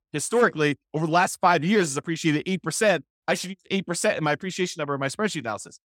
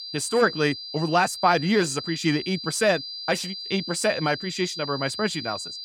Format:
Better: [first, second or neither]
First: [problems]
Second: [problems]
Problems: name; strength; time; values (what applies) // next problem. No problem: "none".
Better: first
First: none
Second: high-pitched whine; loud; throughout; 5 kHz, 8 dB below the speech